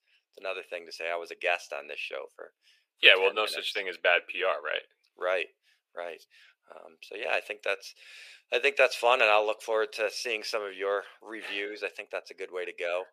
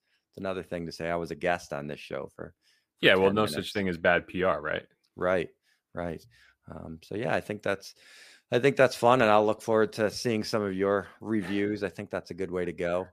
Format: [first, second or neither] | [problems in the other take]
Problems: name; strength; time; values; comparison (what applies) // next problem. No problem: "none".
second | thin; very; fading below 450 Hz